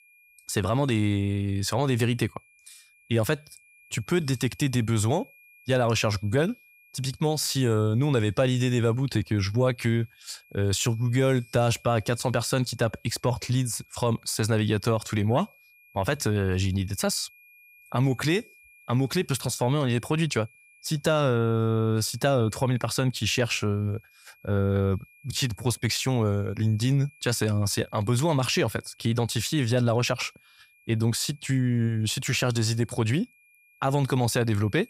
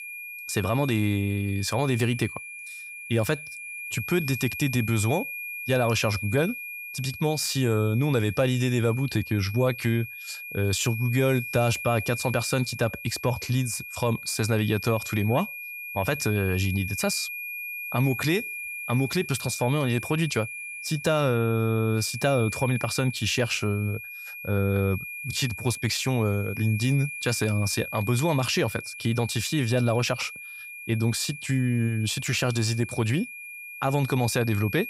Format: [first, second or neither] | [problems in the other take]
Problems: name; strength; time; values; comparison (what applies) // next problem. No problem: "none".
first | high-pitched whine; loud; throughout; 2.5 kHz, 9 dB below the speech; faint in the first